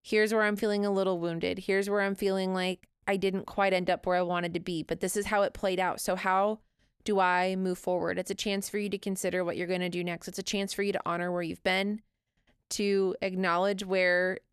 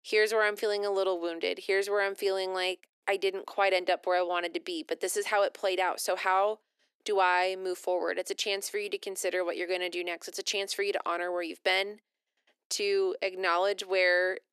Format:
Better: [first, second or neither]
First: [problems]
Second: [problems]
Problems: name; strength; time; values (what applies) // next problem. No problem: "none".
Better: first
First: none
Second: thin; very; fading below 300 Hz